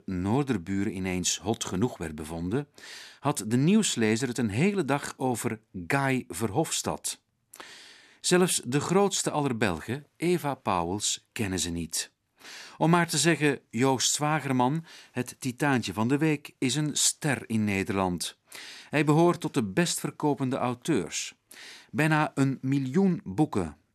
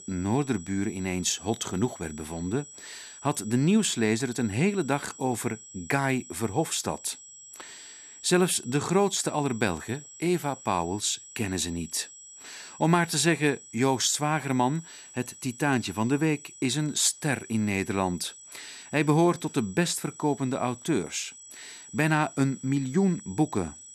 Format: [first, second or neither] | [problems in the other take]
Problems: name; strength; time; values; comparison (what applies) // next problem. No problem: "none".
first | high-pitched whine; noticeable; throughout; 8 kHz, 15 dB below the speech